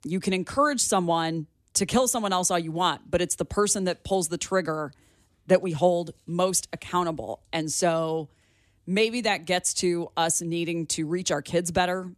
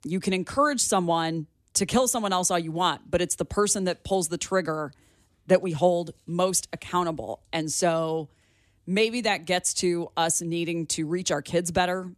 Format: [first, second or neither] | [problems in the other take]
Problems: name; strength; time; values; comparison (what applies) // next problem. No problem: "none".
neither | none